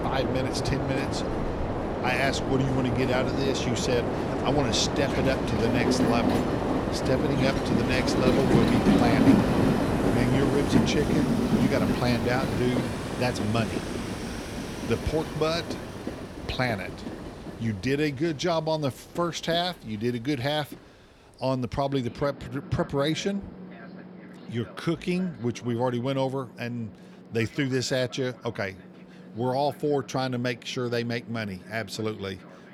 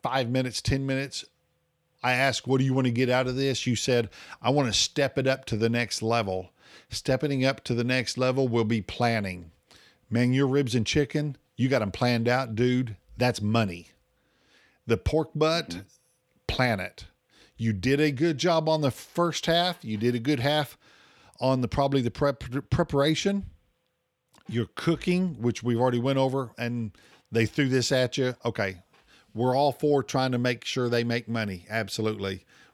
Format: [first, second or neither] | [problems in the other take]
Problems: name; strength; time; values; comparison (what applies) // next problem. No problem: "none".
second | train or aircraft noise; very loud; throughout; 2 dB above the speech